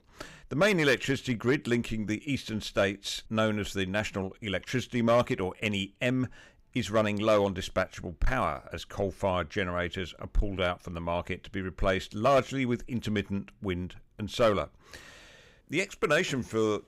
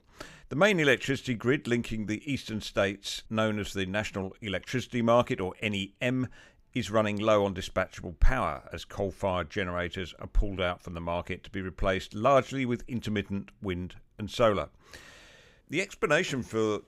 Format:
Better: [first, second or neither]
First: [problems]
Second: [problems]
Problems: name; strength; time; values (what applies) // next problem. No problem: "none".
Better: second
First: distortion; slight; 1.5% of the sound clipped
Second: none